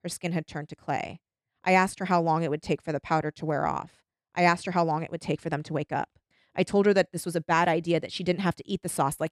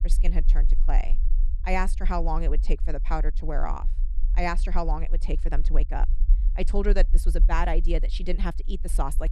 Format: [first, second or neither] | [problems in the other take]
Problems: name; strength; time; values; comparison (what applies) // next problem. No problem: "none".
first | low rumble; faint; throughout; 20 dB below the speech